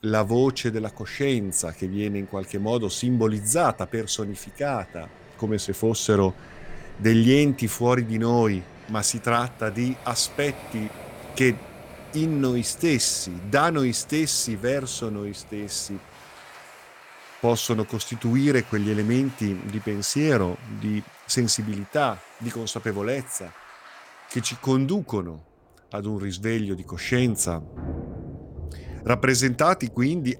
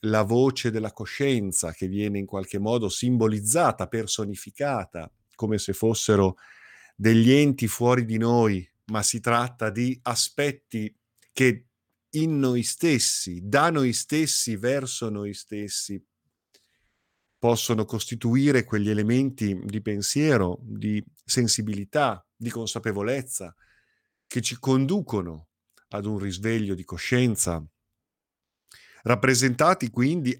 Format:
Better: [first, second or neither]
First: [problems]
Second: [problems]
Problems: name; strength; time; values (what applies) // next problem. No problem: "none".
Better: second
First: rain or running water; noticeable; throughout; 20 dB below the speech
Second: none